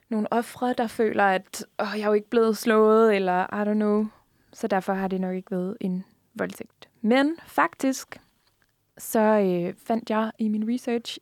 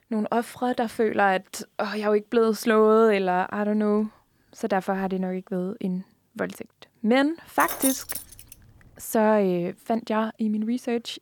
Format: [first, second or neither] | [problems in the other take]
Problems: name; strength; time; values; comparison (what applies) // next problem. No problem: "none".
first | jangling keys; noticeable; at 7.5 s; peak 2 dB below the speech